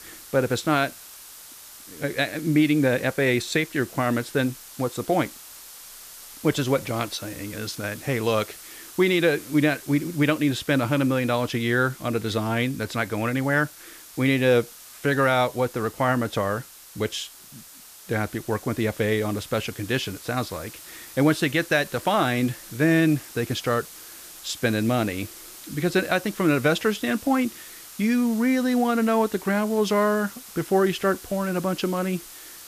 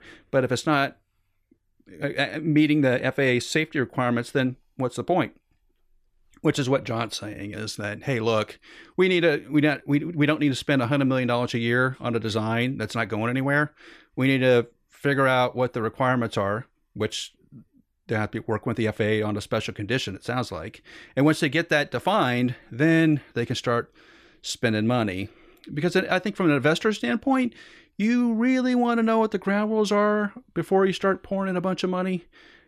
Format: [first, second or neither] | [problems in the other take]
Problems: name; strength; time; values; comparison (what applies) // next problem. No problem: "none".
second | hiss; noticeable; throughout; 15 dB below the speech